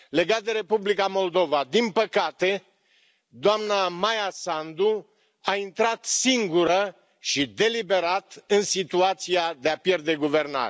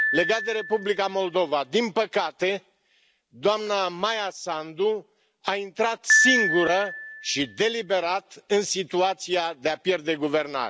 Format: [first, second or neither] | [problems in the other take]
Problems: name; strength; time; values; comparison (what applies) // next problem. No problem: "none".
first | background sound (Piano); 5 dB below the speech